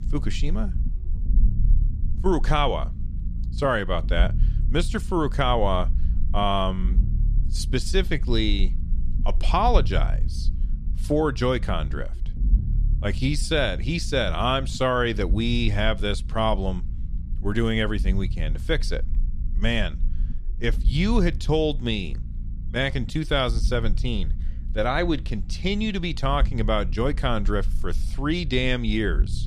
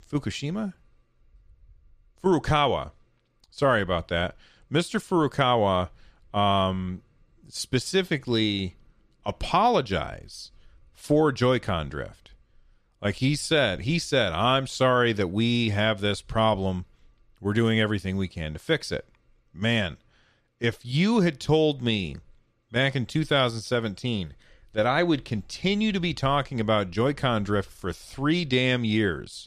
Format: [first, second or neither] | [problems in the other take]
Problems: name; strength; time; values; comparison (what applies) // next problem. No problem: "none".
second | low rumble; faint; throughout; 20 dB below the speech